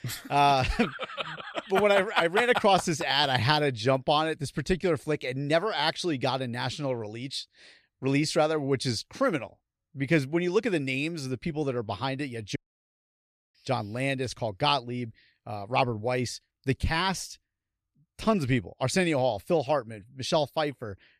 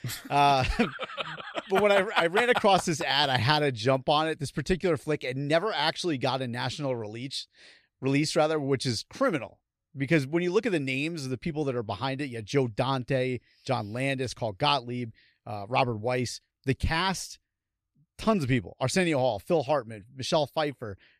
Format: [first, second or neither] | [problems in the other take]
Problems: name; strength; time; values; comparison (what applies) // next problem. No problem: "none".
second | audio cutting out; at 13 s for 1 s